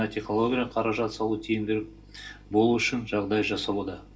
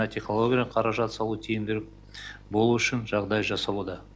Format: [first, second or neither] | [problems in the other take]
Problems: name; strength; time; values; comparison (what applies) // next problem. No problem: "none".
second | room echo; dies away in 0.2 s